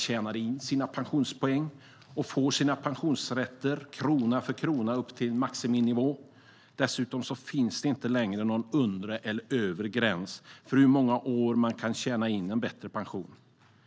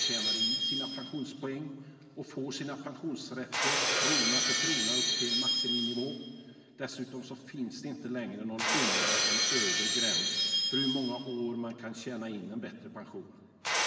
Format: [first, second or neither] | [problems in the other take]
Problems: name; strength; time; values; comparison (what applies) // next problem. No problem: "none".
first | background sound (Shatter); 5 dB above the speech // room echo; dies away in 2.4 s